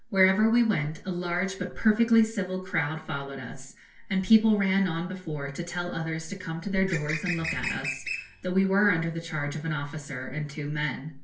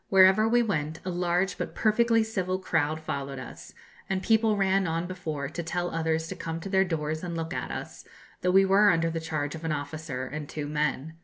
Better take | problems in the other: second | noise reduction (neural separator model SepFormer DNS4)

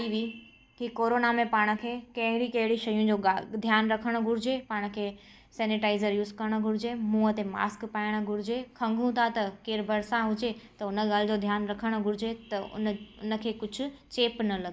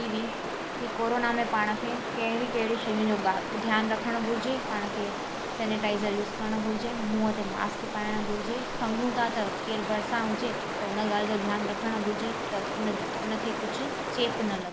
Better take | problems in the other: first | background sound (Stream); 2 dB below the speech

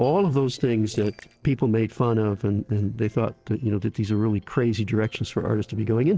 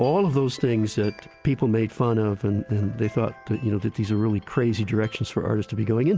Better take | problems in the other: second | noise reduction (neural separator model SepFormer DNS4)

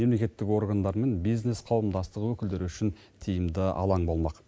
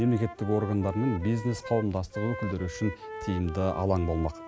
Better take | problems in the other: first | background sound (Wind instrument, woodwind instrument); 12 dB below the speech

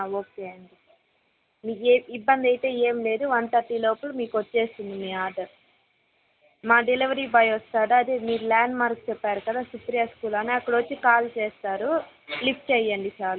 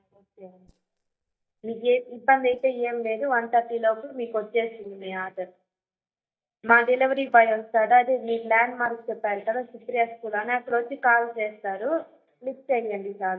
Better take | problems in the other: first | noise reduction (neural mask model DeepFilterNet 3)

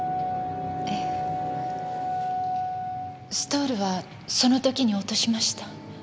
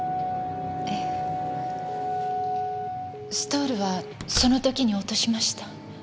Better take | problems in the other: first | background sound (Telephone + Slam); 11 dB below the speech

